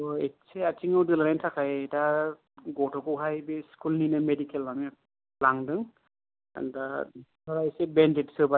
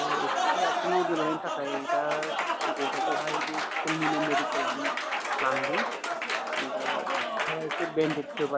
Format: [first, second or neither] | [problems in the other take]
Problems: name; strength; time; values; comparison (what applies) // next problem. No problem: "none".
first | background sound (Applause); 4 dB above the speech